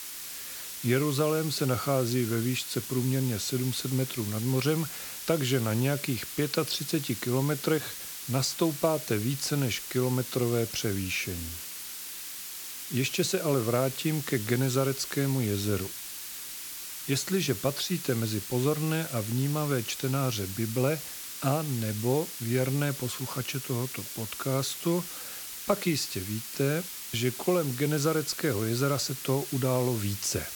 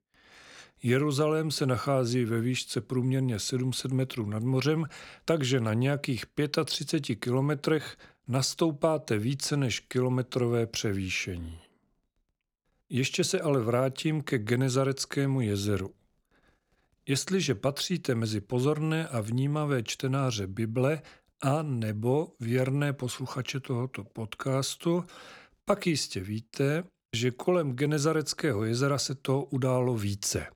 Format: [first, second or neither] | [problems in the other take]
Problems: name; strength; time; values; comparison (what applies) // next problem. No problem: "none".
second | hiss; loud; throughout; 7 dB below the speech